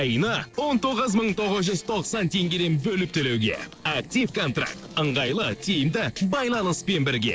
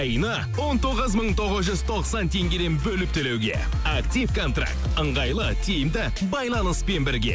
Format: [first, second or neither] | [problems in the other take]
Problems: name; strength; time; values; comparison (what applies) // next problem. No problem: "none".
second | noise reduction (neural separator model SepFormer DNS4)